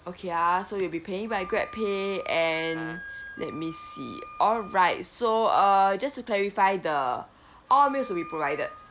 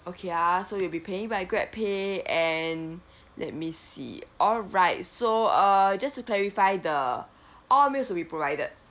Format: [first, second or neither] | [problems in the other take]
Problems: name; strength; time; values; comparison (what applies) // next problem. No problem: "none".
second | background sound (Wind instrument, woodwind instrument + Brass instrument); 18 dB below the speech